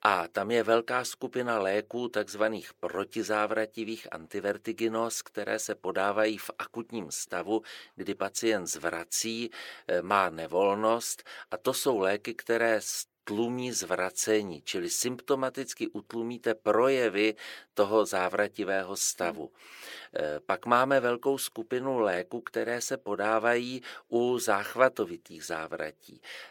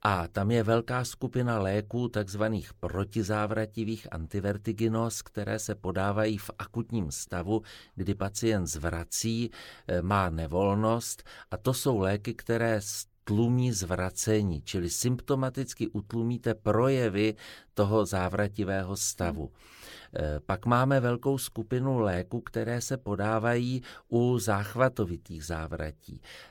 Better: second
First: thin; somewhat; fading below 400 Hz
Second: none

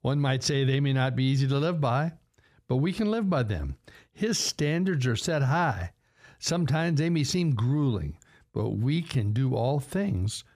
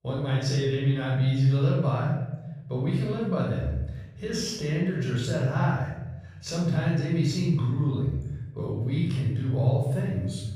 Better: first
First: none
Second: off-mic speech; far // room echo; strong; dies away in 1.1 s

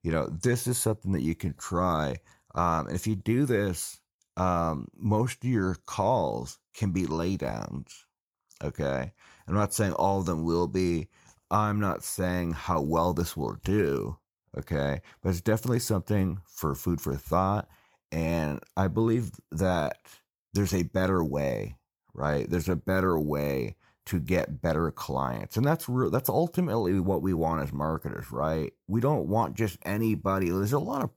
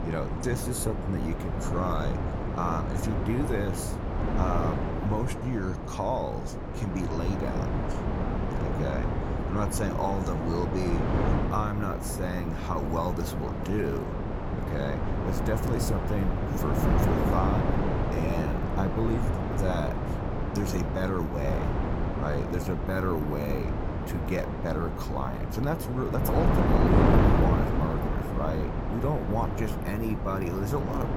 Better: first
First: none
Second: wind noise on the microphone; heavy; as loud as the speech

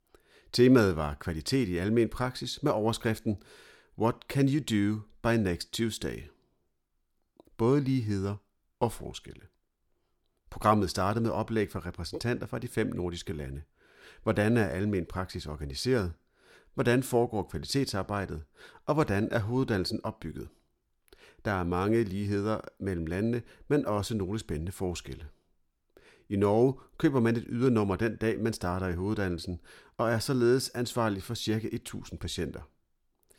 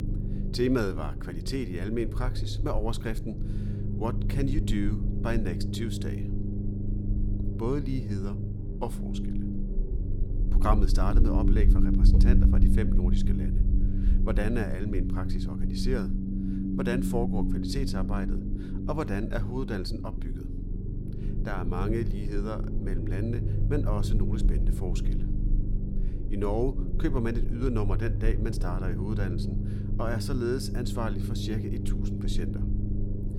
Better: first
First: none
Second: low rumble; loud; throughout; 5 dB below the speech

